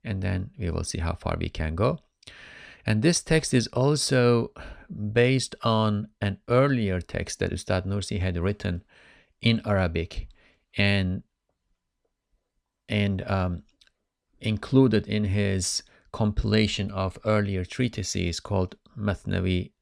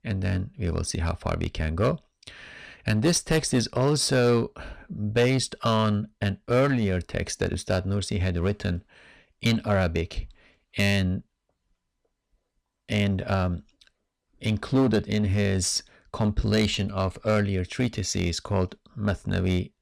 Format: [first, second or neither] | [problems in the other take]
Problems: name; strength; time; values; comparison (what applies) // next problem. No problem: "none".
first | distortion; slight; 5% of the sound clipped